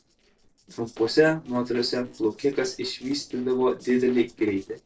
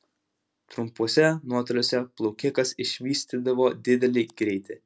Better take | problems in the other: second | noise reduction (neural separator model SepFormer DNS4)

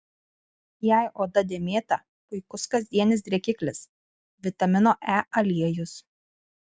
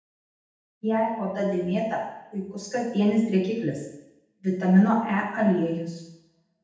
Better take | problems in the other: first | room echo; dies away in 0.8 s

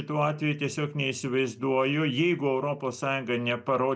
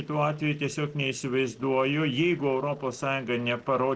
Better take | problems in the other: first | noise reduction (neural separator model SepFormer DNS4)

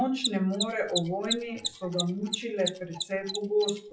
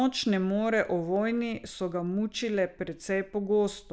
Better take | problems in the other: second | noise reduction (classical method WPE with log-MMSE)

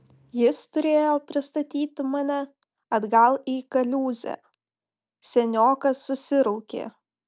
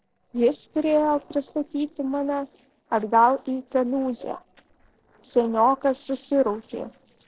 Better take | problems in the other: first | noise reduction (neural separator model SepFormer DNS4)

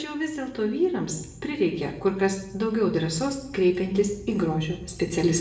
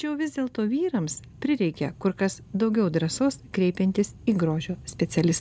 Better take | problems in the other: second | room echo; dies away in 0.7 s

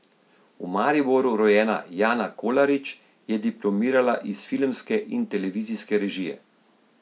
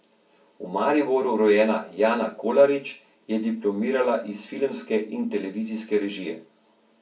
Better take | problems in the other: first | room echo; dies away in 0.3 s

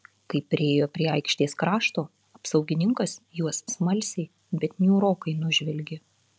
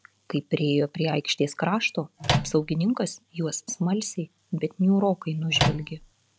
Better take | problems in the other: first | background sound (Microwave oven); 1 dB below the speech

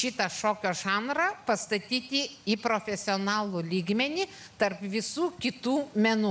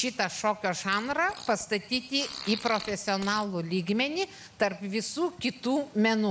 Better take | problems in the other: first | background sound (Fart); 15 dB below the speech

